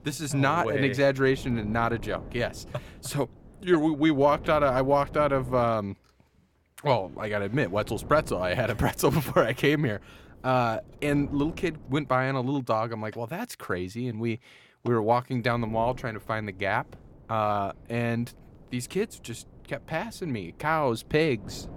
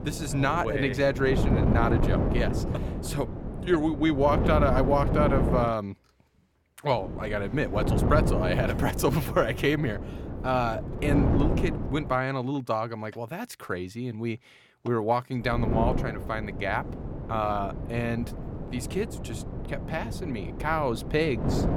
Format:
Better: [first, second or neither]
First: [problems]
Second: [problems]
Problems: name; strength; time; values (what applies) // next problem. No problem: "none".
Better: first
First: wind noise on the microphone; occasional gusts; until 5.5 s, from 7 to 12 s and from 15 s on; 25 dB below the speech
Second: wind noise on the microphone; heavy; until 5.5 s, from 7 to 12 s and from 15 s on; 7 dB below the speech